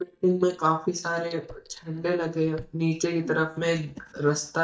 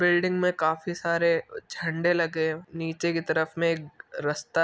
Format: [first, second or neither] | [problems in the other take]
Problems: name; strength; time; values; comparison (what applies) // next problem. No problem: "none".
second | noise reduction (neural mask model DeepFilterNet 3)